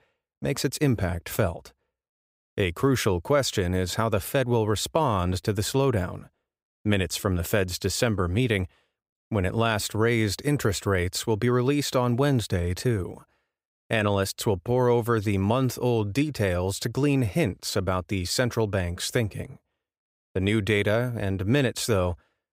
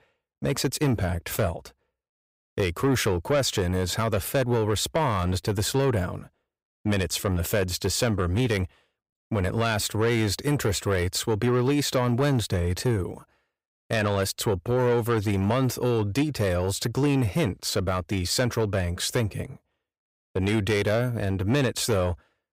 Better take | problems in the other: first | distortion; slight; 10 dB below the speech

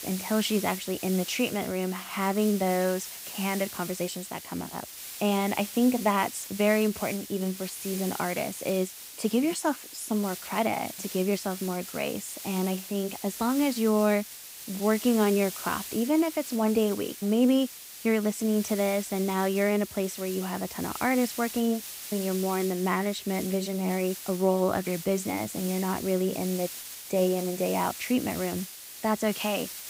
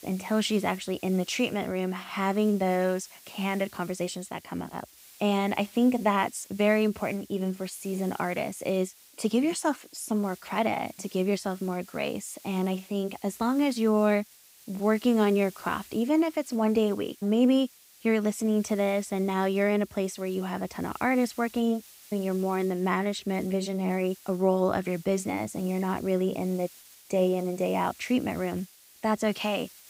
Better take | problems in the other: second | hiss; loud; throughout; 10 dB below the speech; faint in the second

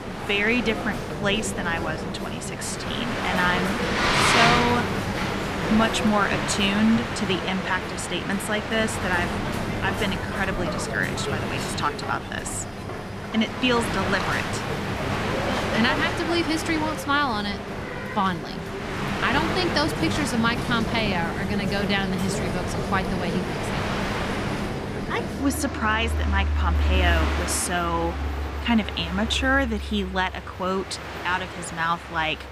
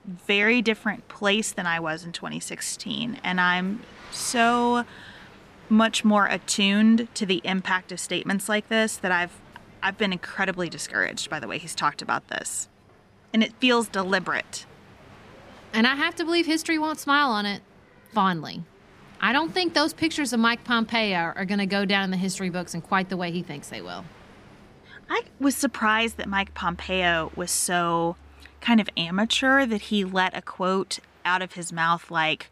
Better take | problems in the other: second | train or aircraft noise; loud; throughout; 2 dB below the speech; faint in the second

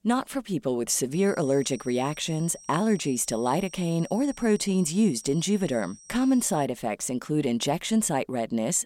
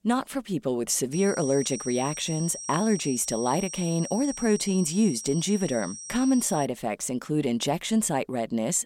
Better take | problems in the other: first | high-pitched whine; loud; from 1 to 6.5 s; 5.5 kHz, 10 dB below the speech; faint in the first

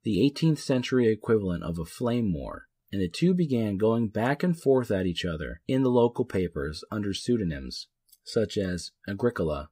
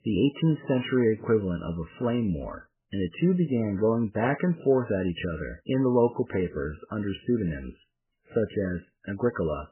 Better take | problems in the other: first | garbled, watery; badly; nothing above 3 kHz

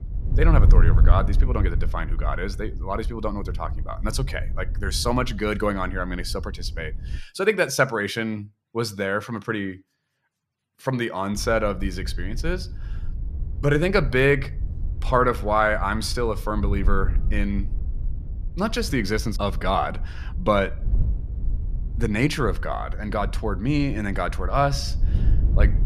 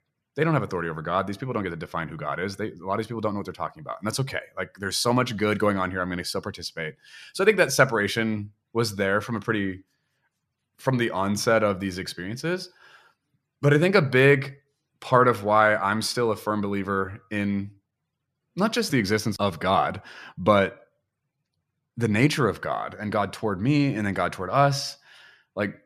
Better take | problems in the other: second | wind noise on the microphone; occasional gusts; until 7 s and from 11 s on; 20 dB below the speech

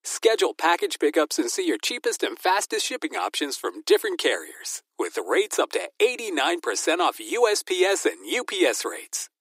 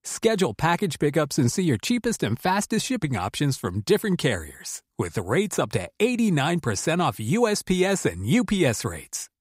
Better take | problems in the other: second | thin; very; fading below 300 Hz

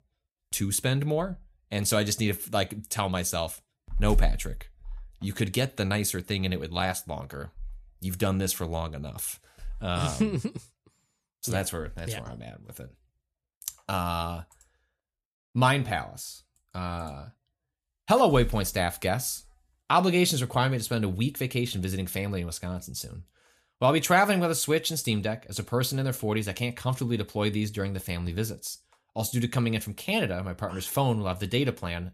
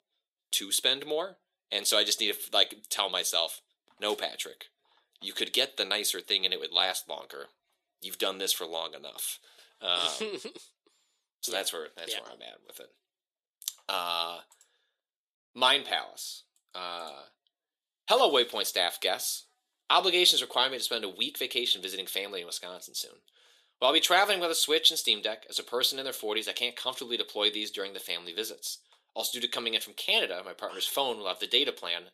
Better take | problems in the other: first | thin; very; fading below 350 Hz

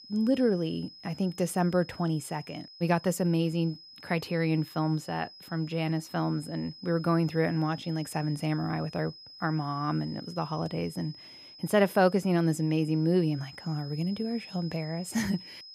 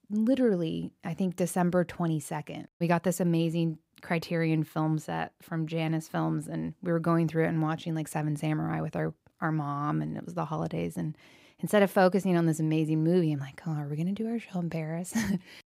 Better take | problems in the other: second | high-pitched whine; noticeable; throughout; 5 kHz, 15 dB below the speech

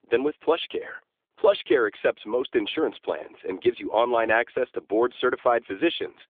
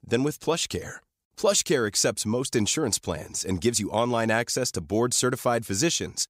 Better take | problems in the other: second | phone-call audio; nothing above 3.5 kHz

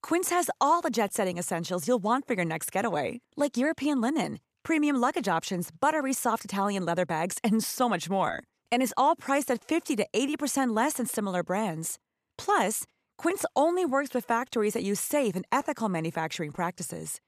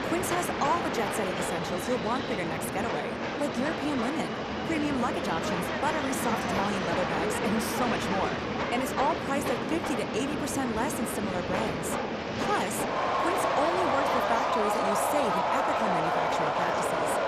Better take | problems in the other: first | train or aircraft noise; very loud; throughout; 3 dB above the speech

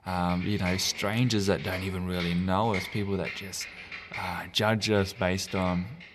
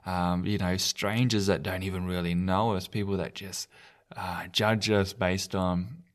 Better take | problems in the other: second | keyboard typing; noticeable; peak 7 dB below the speech

